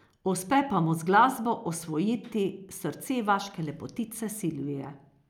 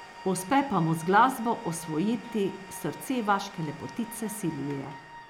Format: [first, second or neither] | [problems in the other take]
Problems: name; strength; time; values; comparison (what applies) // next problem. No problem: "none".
first | background sound (Wind instrument, woodwind instrument + Domestic sounds, home sounds); 16 dB below the speech